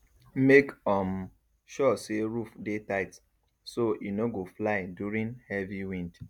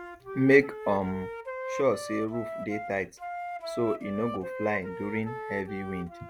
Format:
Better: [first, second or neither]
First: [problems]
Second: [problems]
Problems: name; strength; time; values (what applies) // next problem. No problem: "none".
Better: first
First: none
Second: background sound (Wind instrument, woodwind instrument); 8 dB below the speech